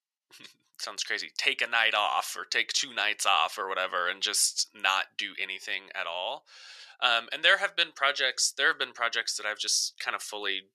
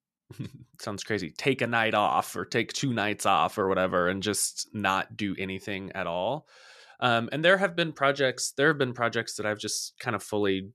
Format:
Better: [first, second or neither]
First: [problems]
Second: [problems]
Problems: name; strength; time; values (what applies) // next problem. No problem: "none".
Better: second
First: thin; very; fading below 800 Hz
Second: none